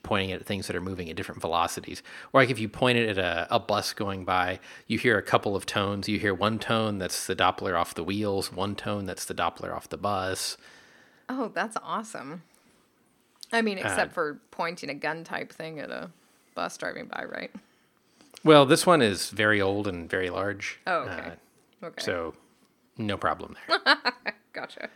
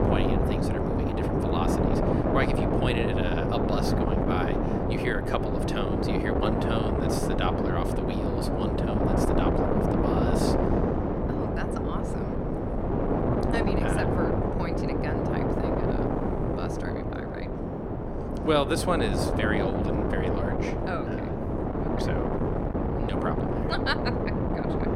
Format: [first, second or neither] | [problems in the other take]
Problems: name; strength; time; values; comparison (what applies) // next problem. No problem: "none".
first | wind noise on the microphone; heavy; 3 dB above the speech